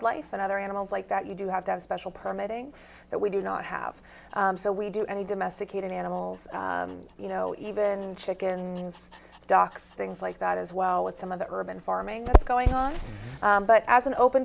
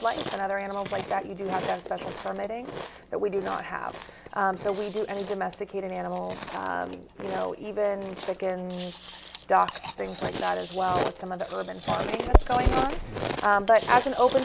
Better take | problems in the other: first | background sound (Chewing, mastication); 10 dB below the speech

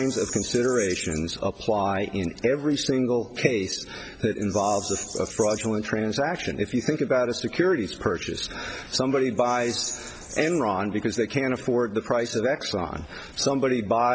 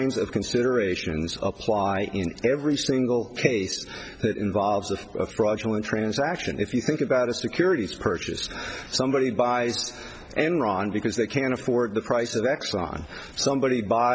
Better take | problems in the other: second | background sound (Bird vocalization, bird call, bird song); 17 dB below the speech

